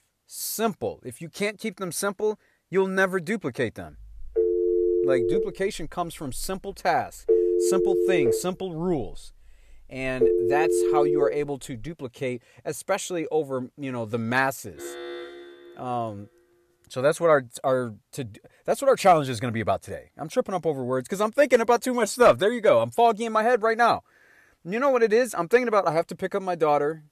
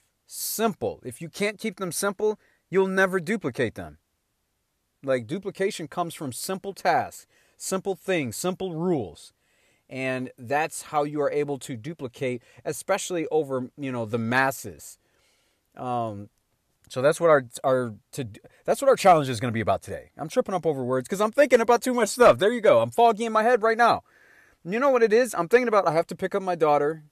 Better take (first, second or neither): second